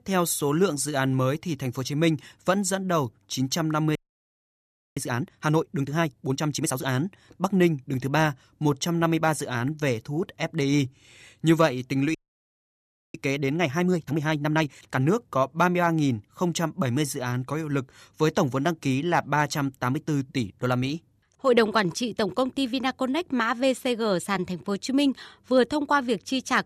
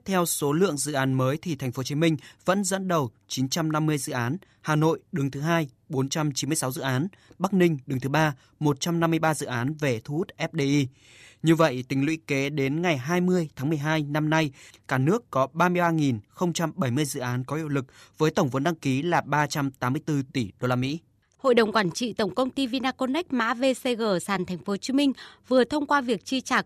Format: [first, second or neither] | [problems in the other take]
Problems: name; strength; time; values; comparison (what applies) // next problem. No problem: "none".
second | audio freezing; at 4 s for 1 s and at 12 s for 1 s